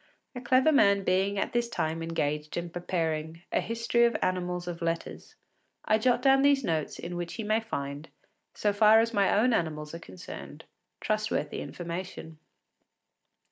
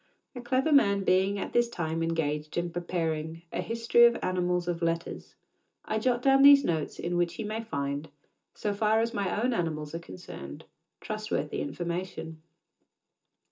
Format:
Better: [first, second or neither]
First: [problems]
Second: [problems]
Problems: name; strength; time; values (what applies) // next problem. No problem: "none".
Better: first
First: none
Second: room echo; dies away in 0.2 s